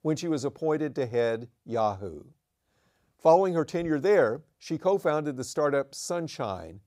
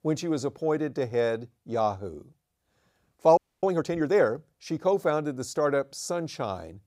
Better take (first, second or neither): first